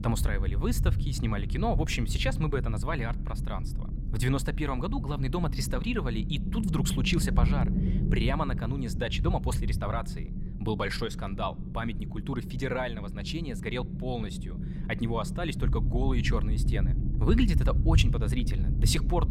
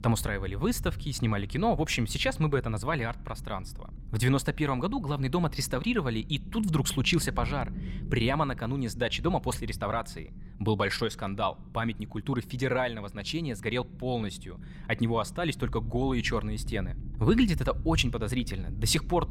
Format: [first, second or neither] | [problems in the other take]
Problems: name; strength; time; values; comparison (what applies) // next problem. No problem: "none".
second | low rumble; loud; throughout; 10 dB below the speech; faint in the second